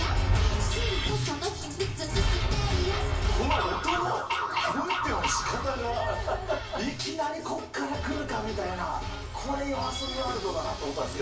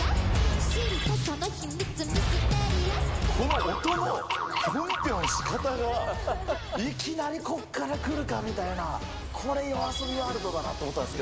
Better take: second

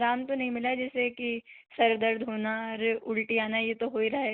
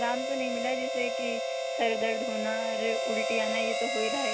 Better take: first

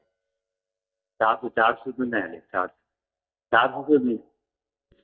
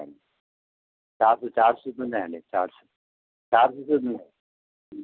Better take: second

